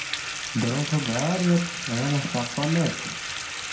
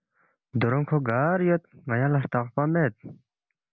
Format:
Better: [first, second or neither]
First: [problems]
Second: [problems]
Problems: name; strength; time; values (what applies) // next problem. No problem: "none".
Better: second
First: background sound (Bathtub (filling or washing) / Water tap, faucet); 5 dB below the speech // room echo; dies away in 0.5 s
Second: none